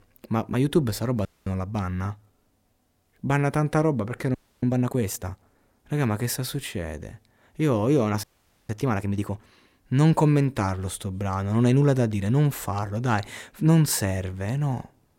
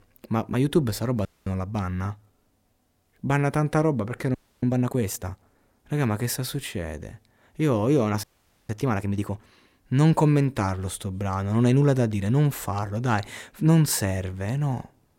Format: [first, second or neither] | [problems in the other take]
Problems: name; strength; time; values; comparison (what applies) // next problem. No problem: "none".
neither | audio freezing; at 1.5 s, at 4.5 s and at 8 s; the same in both